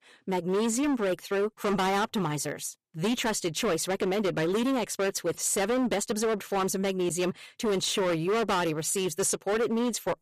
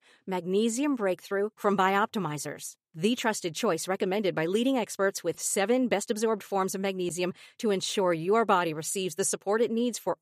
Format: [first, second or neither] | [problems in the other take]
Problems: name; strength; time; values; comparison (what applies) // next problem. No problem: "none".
second | distortion; heavy; 20% of the sound clipped